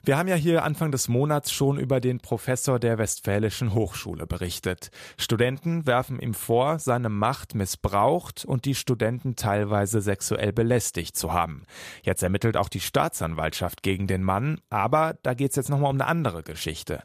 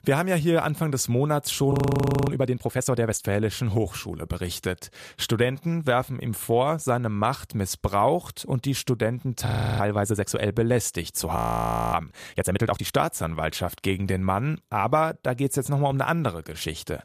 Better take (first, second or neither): first